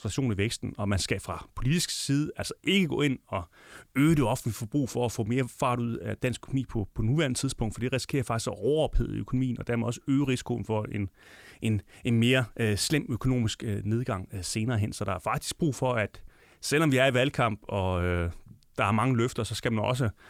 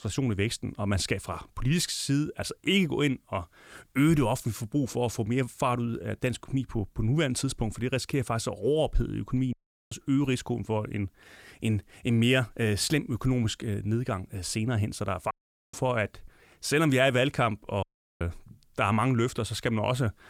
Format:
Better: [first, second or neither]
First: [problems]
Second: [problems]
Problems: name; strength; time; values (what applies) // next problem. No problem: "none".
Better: first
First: none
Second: audio cutting out; at 9.5 s, at 15 s and at 18 s